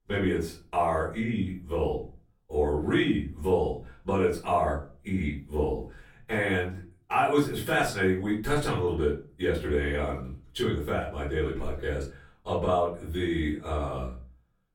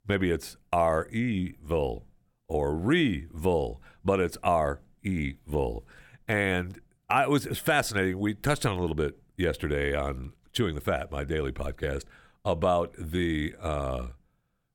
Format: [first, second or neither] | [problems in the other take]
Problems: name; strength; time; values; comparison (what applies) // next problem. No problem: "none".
second | off-mic speech; far // room echo; slight; dies away in 0.3 s